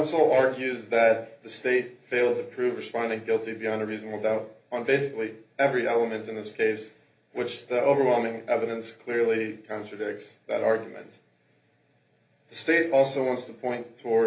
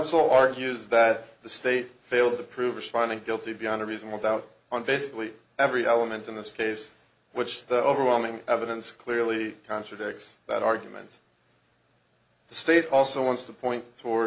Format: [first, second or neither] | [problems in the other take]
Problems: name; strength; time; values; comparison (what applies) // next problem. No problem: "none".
second | room echo; dies away in 0.3 s